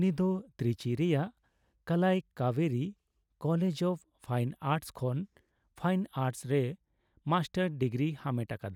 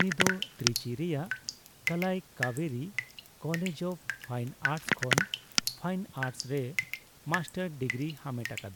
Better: first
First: none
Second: background sound (Drip); as loud as the speech

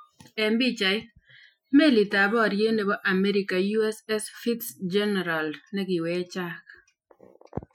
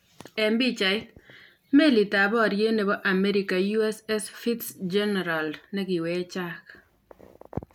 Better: second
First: noise reduction (classical method Wiener filter)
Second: none

